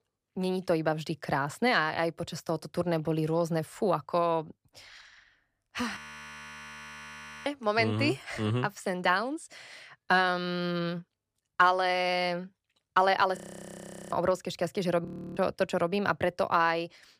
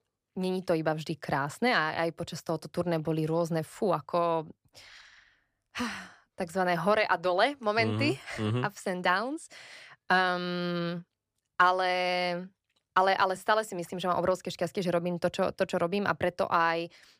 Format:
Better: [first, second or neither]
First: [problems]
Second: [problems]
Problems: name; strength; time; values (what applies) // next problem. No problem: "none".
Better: second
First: audio freezing; at 6 s for 1.5 s, at 13 s for 1 s and at 15 s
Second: none